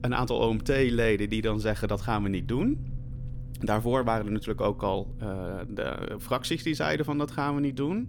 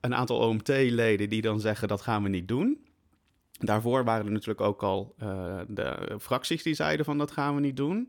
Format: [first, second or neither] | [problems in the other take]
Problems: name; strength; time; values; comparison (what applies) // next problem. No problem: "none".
second | low rumble; faint; throughout; 25 dB below the speech